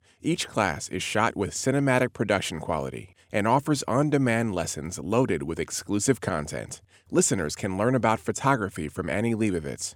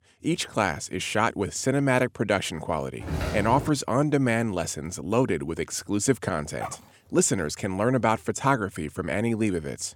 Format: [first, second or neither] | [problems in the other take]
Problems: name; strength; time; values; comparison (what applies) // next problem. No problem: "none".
first | footsteps; noticeable; at 3 s; peak 4 dB below the speech // dog barking; faint; at 6.5 s; peak 10 dB below the speech